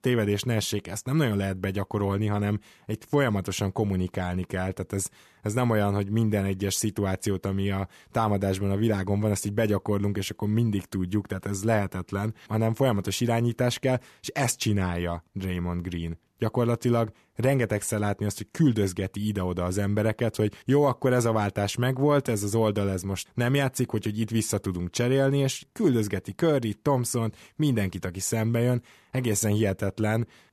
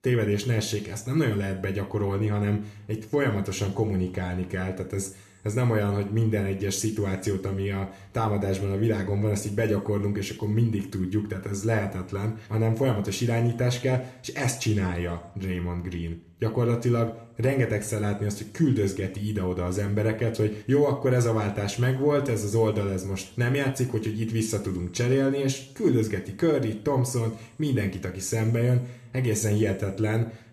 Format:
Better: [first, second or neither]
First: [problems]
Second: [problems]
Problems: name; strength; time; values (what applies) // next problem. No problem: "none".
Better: first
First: none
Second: room echo; slight; dies away in 0.6 s